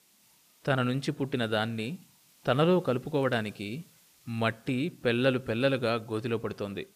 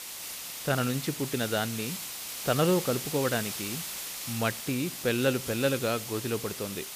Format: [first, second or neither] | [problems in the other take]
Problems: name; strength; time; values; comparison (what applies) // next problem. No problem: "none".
first | hiss; loud; throughout; 5 dB below the speech; faint in the first